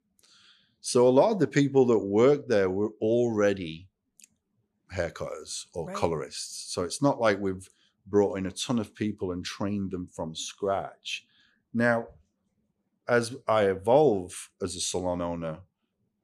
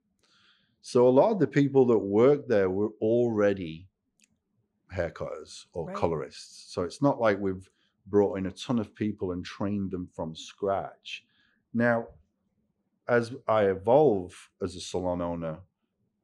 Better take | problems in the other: first | muffled; slightly; fading above 2 kHz

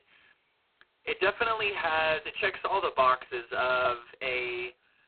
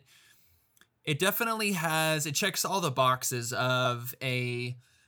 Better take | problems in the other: second | phone-call audio; poor line; nothing above 4 kHz

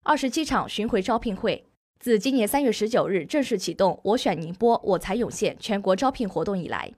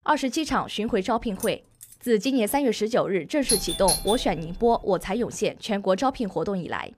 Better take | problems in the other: first | jangling keys; faint; at 1.5 s; peak 15 dB below the speech // doorbell; loud; from 3.5 to 5 s; peak 1 dB above the speech

